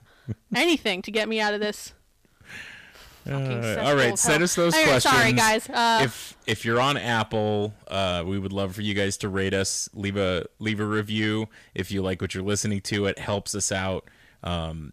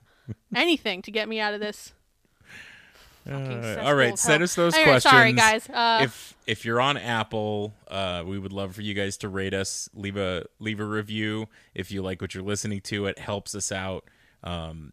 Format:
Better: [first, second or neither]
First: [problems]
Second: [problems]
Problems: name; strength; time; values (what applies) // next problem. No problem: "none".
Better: second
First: distortion; heavy; 7 dB below the speech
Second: none